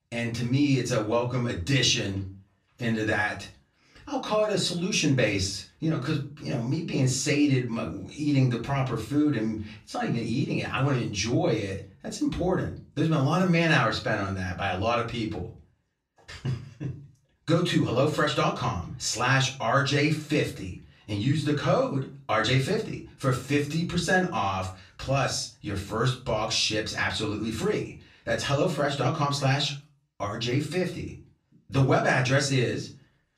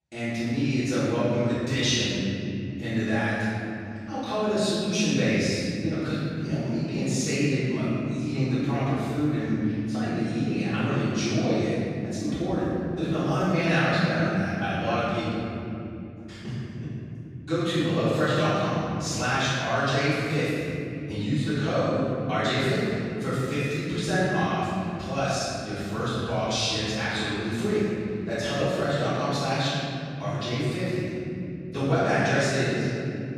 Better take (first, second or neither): first